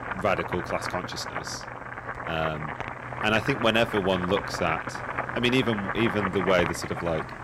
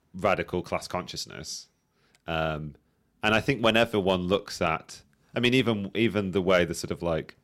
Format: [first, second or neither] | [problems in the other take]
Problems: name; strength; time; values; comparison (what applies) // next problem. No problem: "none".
second | household noises; loud; throughout; 6 dB below the speech